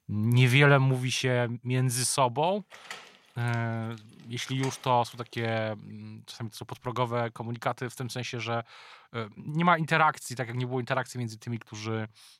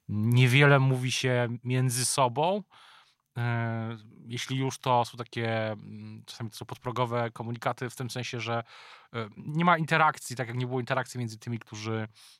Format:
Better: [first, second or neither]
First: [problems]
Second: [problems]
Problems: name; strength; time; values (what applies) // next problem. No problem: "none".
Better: second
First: door banging; faint; from 2.5 to 5.5 s; peak 15 dB below the speech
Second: none